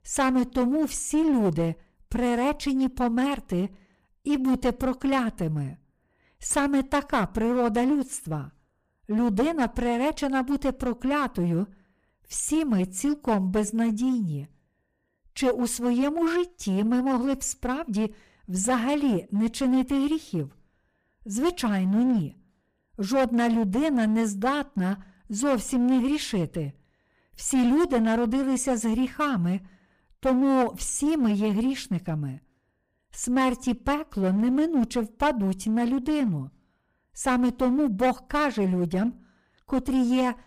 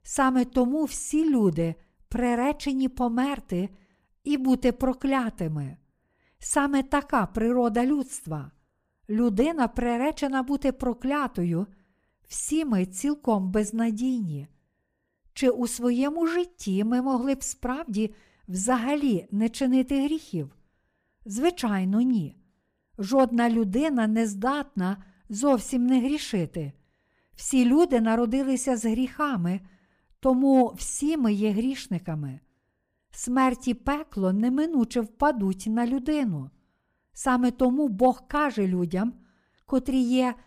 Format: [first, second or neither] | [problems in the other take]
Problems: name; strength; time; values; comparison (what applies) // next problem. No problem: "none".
second | distortion; slight; 10% of the sound clipped